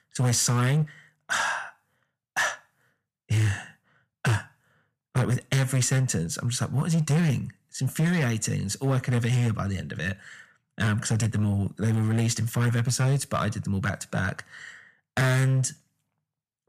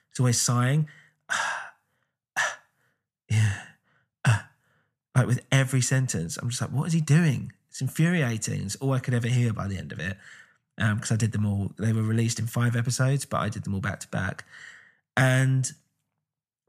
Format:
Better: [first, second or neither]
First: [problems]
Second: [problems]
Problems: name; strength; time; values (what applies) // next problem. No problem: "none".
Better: second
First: distortion; slight; 10% of the sound clipped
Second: none